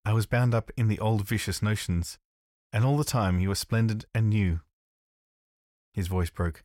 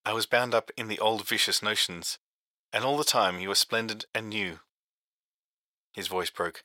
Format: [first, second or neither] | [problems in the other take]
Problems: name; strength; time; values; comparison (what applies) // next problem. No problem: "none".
first | thin; very; fading below 550 Hz